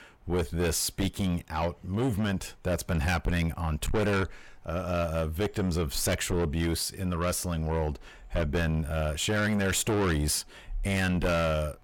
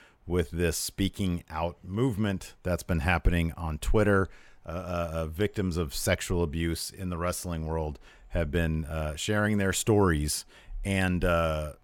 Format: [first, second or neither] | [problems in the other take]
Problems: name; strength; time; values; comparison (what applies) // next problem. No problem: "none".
second | distortion; heavy; 6 dB below the speech